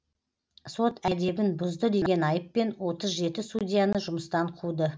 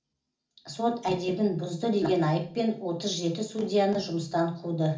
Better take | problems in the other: first | room echo; dies away in 0.4 s

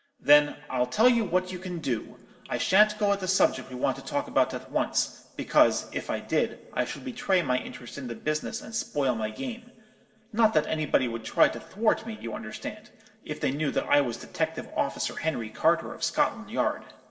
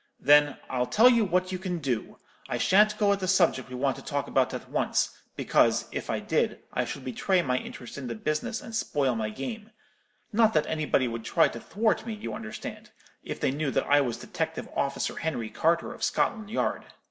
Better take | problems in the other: second | room echo; dies away in 1.8 s

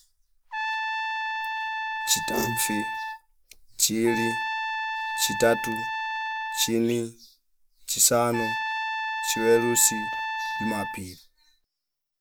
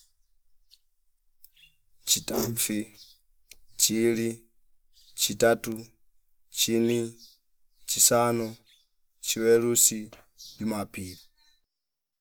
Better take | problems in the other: second | background sound (Trumpet); 3 dB below the speech

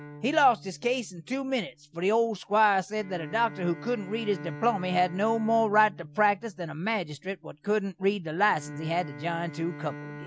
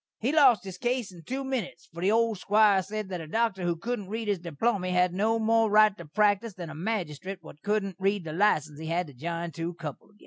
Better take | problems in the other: second | background sound (Bowed string instrument); 16 dB below the speech

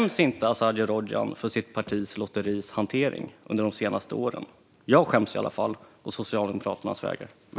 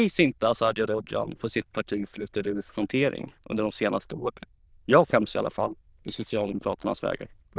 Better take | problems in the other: first | noise reduction (neural diffusion model UNIVERSE++)

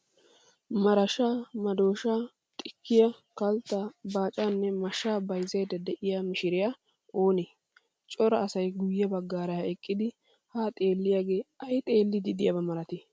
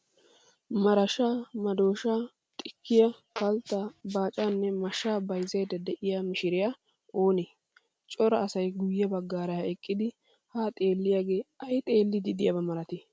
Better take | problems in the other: first | background sound (Fart); 18 dB below the speech

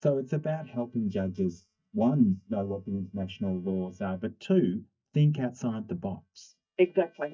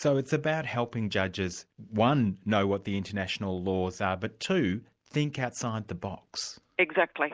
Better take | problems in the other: second | noise reduction (neural mask model DeepFilterNet 3)

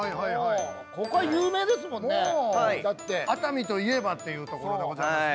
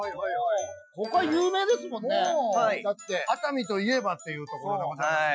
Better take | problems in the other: first | noise reduction (classical method Wiener filter)

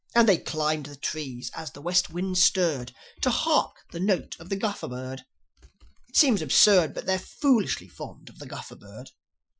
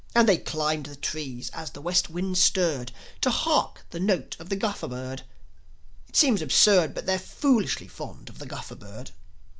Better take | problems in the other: second | noise reduction (classical method Wiener filter)

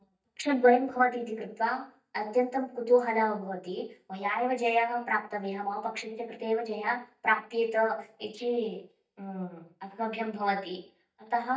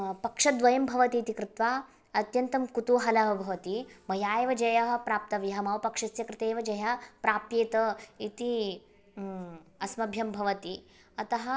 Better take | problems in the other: second | noise reduction (neural mask model DeepFilterNet 3)

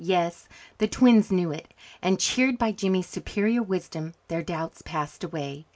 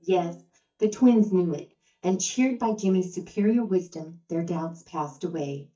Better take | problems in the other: first | noise reduction (neural mask model DeepFilterNet 3)

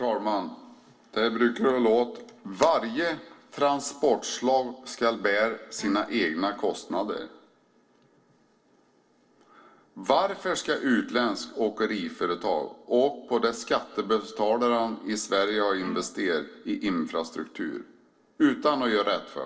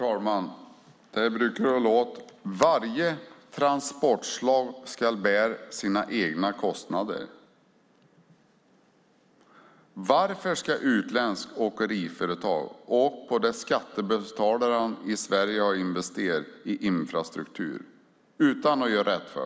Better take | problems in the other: second | noise reduction (neural separator model SepFormer DNS4)

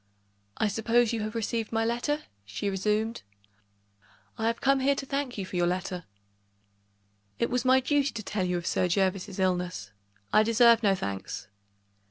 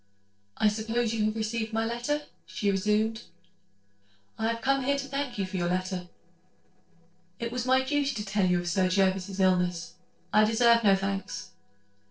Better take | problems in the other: first | noise reduction (neural separator model SepFormer DNS4)

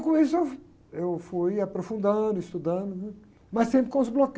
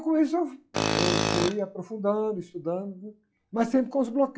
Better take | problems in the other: first | noise reduction (classical method log-MMSE)

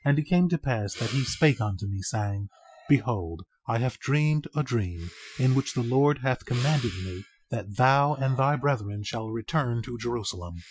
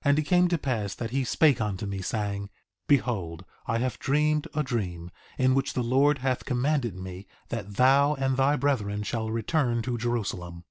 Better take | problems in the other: second | noise reduction (classical method Wiener filter)

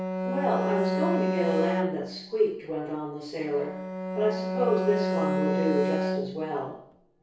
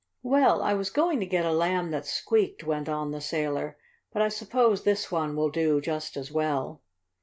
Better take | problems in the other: second | background sound (Bowed string instrument); as loud as the speech // room echo; dies away in 0.6 s

